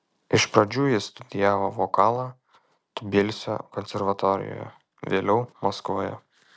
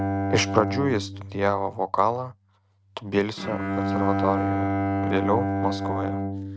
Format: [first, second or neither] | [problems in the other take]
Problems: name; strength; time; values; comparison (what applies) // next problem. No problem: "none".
first | noise reduction (neural mask model RNNoise)